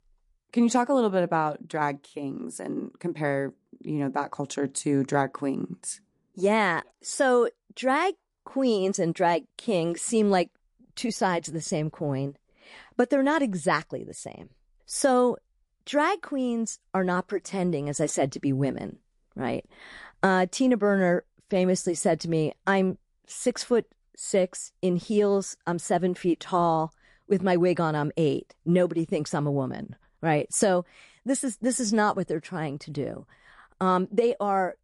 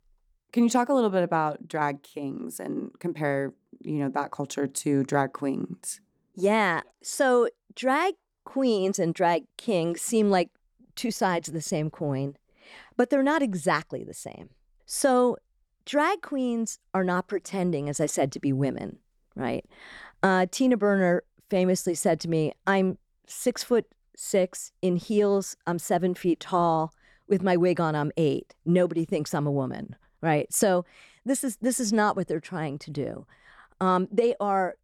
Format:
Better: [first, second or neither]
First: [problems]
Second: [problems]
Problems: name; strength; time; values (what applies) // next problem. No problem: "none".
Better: second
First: garbled, watery; slightly; nothing above 11 kHz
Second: none